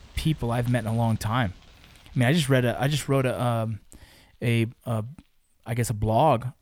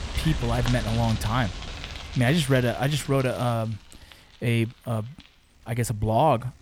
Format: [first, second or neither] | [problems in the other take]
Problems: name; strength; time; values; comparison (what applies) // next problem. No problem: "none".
first | traffic noise; loud; throughout; 10 dB below the speech; faint in the first